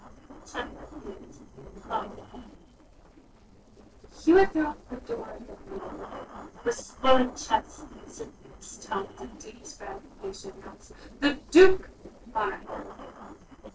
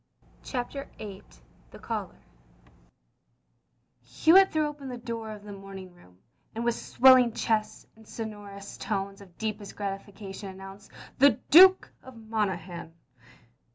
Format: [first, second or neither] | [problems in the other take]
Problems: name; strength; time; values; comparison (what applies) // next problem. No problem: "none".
second | noise reduction (neural separator model SepFormer DNS4)